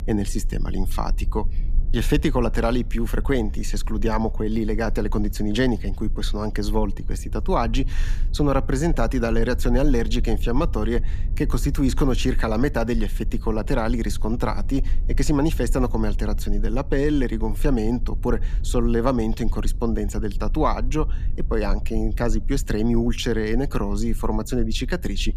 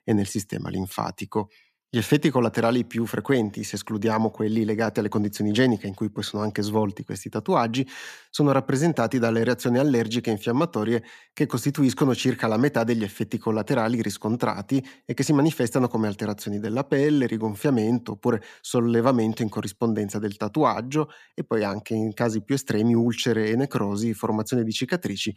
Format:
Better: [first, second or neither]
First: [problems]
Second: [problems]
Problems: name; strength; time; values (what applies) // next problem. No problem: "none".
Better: second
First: low rumble; faint; throughout; 20 dB below the speech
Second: none